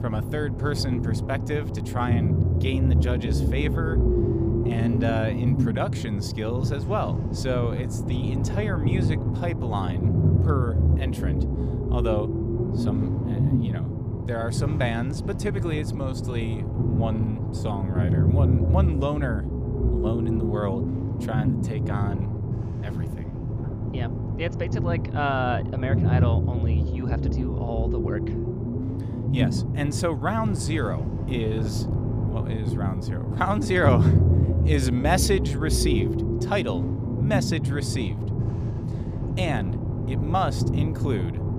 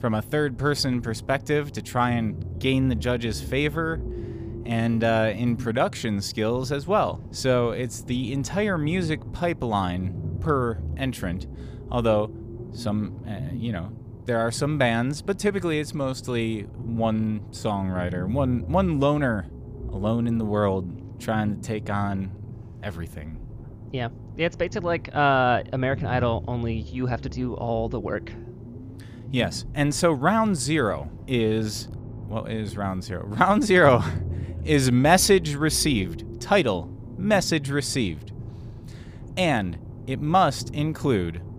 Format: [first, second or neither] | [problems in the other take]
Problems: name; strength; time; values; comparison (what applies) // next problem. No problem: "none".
second | low rumble; loud; throughout; 4 dB below the speech; faint in the second